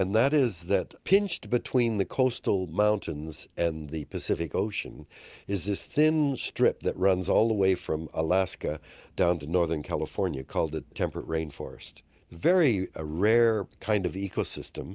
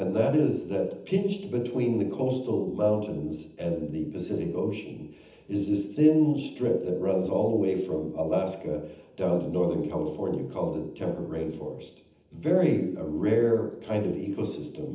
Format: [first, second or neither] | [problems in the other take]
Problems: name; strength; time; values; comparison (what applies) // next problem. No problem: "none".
first | room echo; dies away in 0.8 s